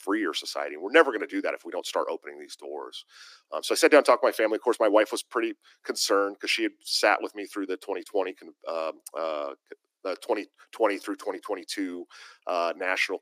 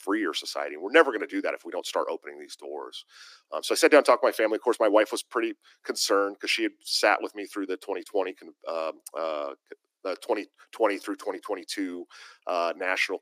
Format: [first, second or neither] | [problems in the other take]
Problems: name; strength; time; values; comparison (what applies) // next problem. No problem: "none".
neither | thin; somewhat; fading below 300 Hz; the same in both